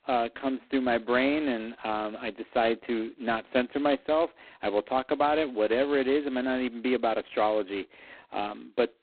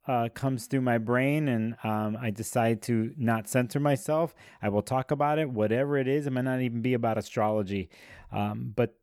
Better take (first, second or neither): second